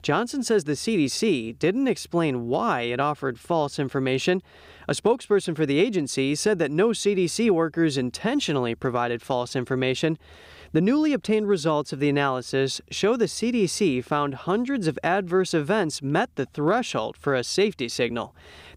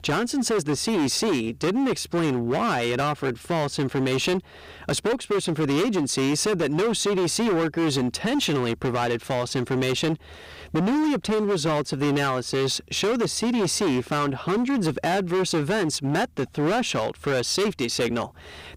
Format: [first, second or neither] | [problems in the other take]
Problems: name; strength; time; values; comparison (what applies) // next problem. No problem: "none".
first | distortion; heavy; 25% of the sound clipped